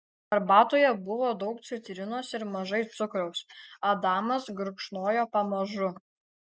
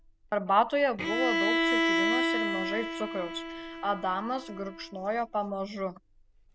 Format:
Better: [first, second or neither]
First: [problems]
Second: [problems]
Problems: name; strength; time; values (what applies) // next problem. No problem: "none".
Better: first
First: none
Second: background sound (Bowed string instrument); as loud as the speech